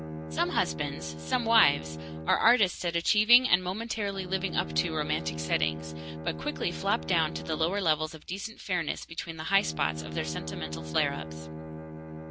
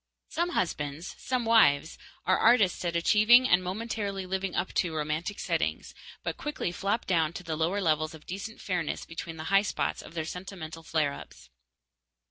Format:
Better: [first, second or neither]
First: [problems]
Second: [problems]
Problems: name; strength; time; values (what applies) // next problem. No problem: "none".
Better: second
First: background sound (Bowed string instrument); 9 dB below the speech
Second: none